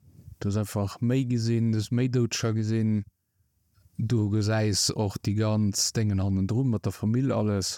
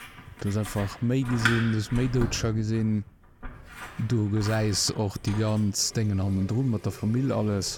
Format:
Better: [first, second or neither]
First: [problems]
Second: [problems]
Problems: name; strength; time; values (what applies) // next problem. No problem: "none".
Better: first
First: none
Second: household noises; noticeable; throughout; 10 dB below the speech